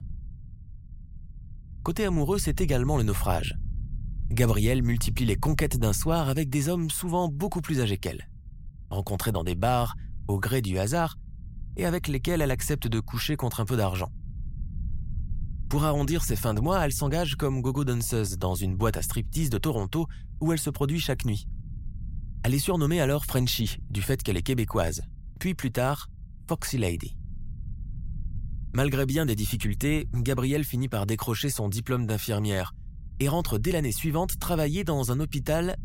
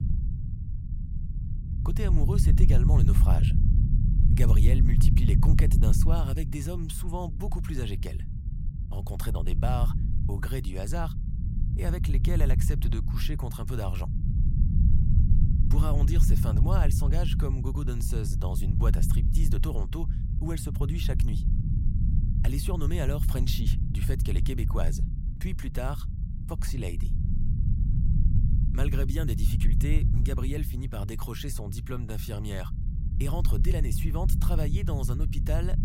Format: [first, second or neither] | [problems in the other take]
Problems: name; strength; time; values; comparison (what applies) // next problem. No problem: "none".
first | low rumble; loud; throughout; 4 dB below the speech; faint in the first